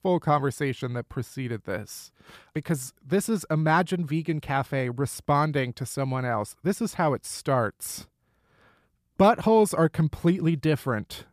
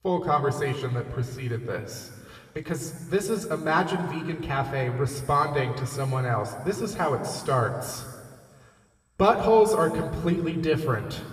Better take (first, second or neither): first